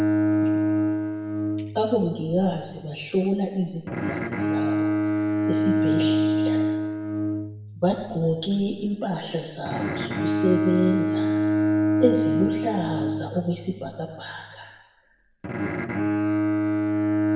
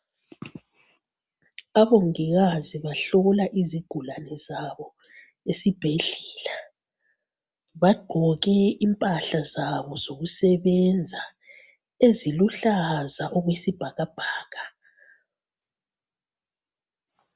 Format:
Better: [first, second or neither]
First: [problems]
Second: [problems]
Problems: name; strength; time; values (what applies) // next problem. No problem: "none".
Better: second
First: background sound (Bowed string instrument); 3 dB above the speech // room echo; dies away in 1.1 s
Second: none